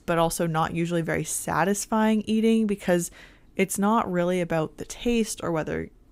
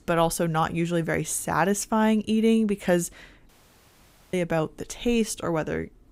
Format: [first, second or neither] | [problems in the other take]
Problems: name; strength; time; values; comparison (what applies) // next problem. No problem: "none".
first | audio cutting out; at 3.5 s for 1 s